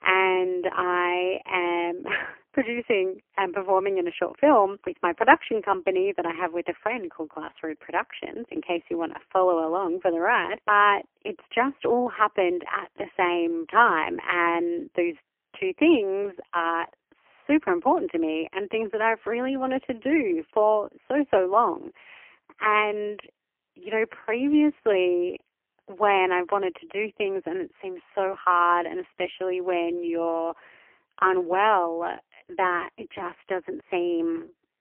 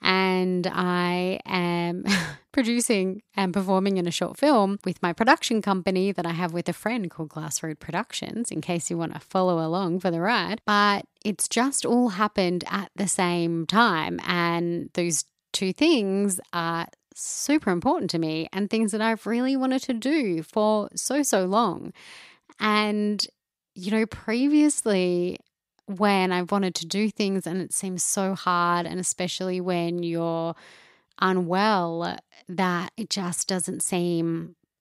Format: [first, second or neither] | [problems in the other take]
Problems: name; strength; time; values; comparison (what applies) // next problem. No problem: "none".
second | phone-call audio; poor line; nothing above 3 kHz